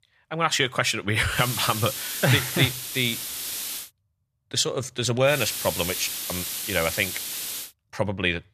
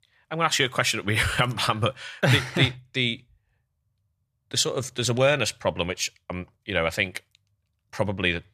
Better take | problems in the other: second | hiss; loud; from 1.5 to 4 s and from 5.5 to 7.5 s; 5 dB below the speech

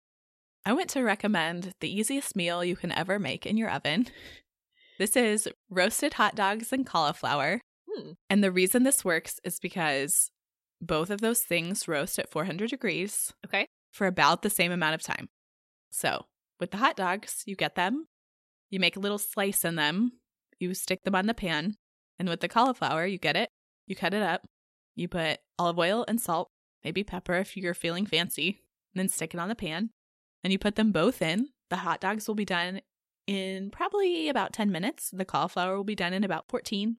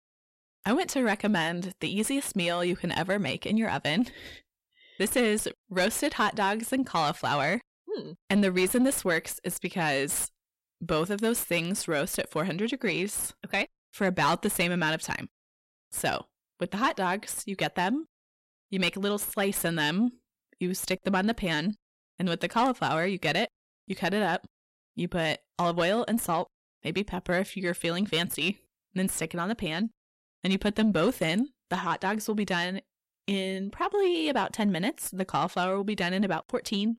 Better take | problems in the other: first | distortion; slight; 10 dB below the speech

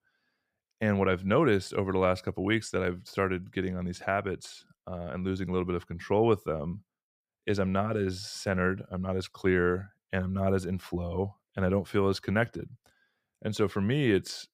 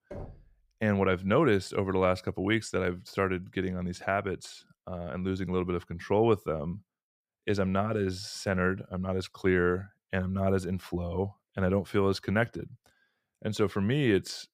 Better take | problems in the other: first | door banging; faint; at the start; peak 15 dB below the speech

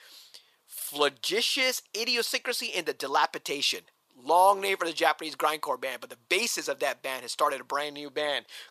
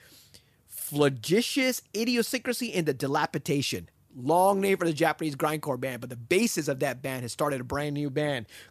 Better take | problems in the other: second | thin; very; fading below 600 Hz

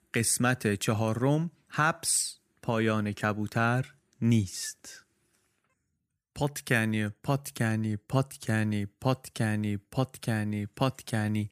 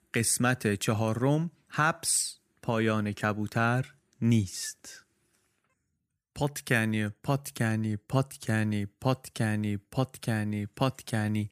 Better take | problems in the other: neither | none

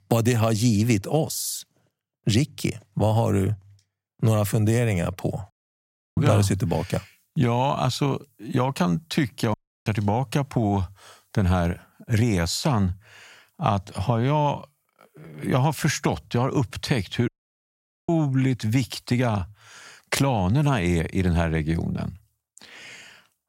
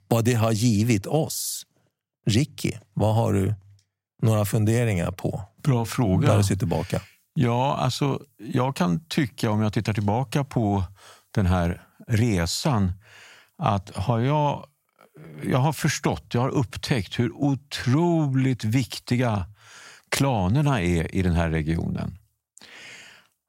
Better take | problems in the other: second | audio cutting out; at 5.5 s for 0.5 s, at 9.5 s and at 17 s for 1 s

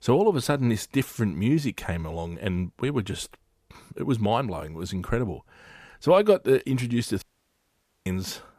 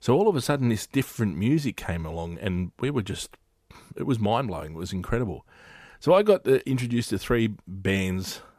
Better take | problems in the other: second | audio cutting out; at 7 s for 1 s

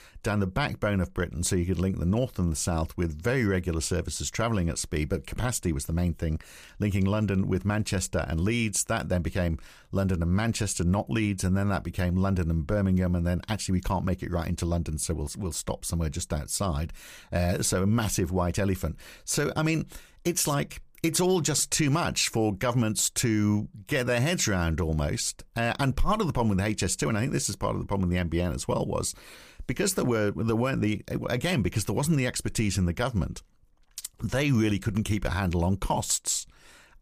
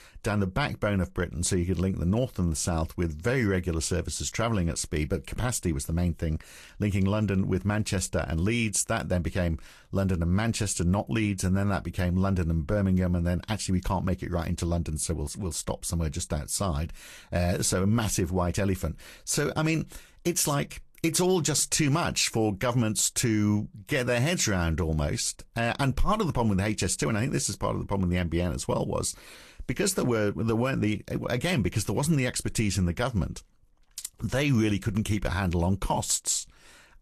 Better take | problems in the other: first | garbled, watery; slightly; nothing above 12.5 kHz

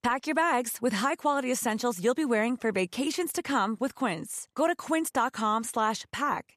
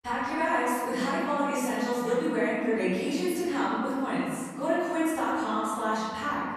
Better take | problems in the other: first | room echo; strong; dies away in 1.9 s // off-mic speech; far

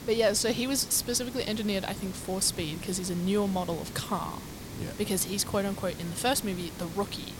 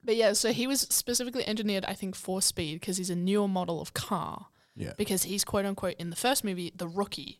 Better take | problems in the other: second | hiss; noticeable; throughout; 10 dB below the speech

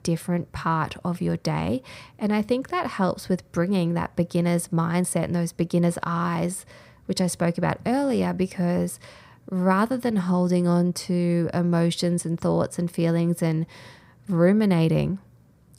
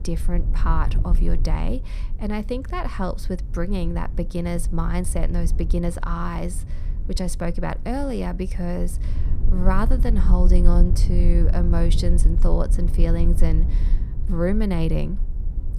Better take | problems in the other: first | low rumble; noticeable; throughout; 15 dB below the speech

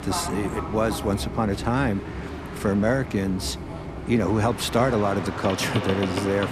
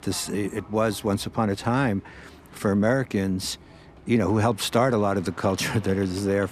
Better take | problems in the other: second | train or aircraft noise; loud; throughout; 7 dB below the speech; faint in the second

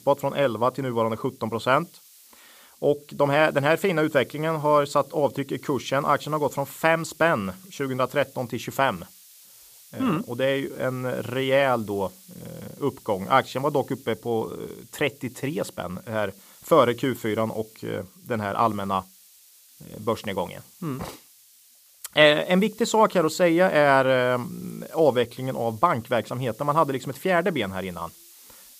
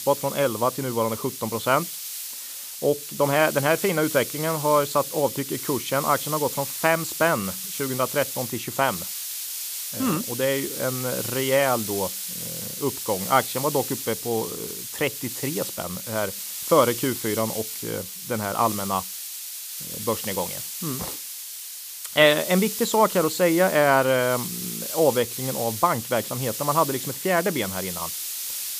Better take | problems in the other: first | hiss; loud; throughout; 6 dB below the speech; faint in the first

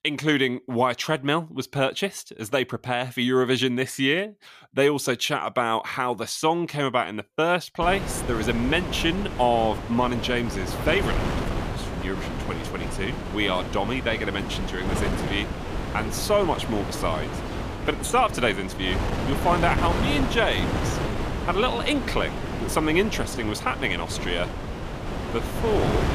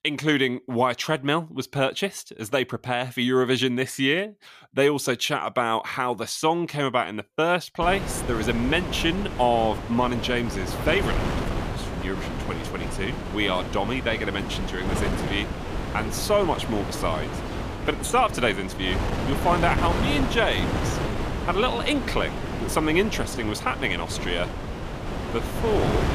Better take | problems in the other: neither | wind noise on the microphone; heavy; from 8 s on; 7 dB below the speech; the same in both

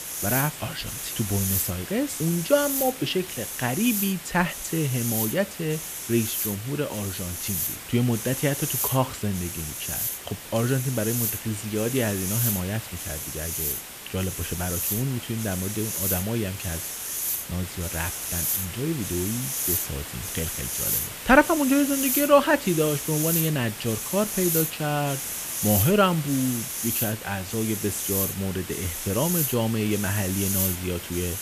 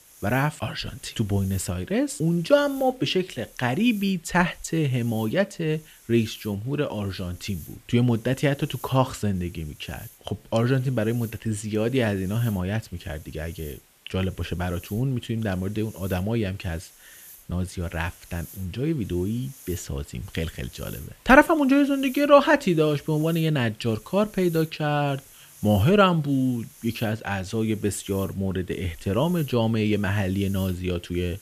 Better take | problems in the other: second | hiss; loud; throughout; 2 dB below the speech; faint in the second

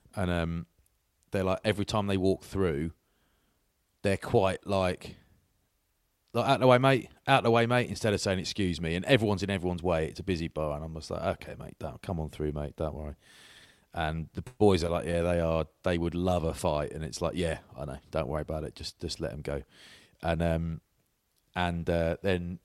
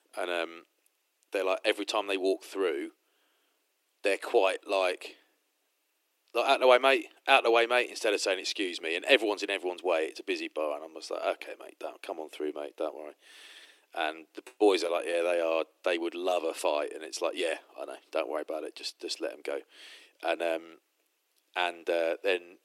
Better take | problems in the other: first | thin; very; fading below 300 Hz

